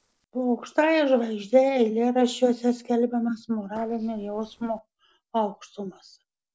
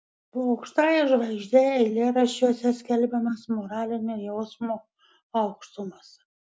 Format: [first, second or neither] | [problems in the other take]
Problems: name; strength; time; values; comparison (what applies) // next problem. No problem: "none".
second | noise reduction (neural separator model SepFormer DNS4)